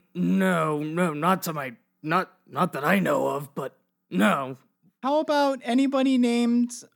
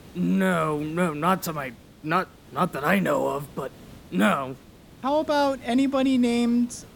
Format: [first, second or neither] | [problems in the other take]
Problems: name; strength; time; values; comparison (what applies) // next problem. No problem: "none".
first | hiss; faint; throughout; 25 dB below the speech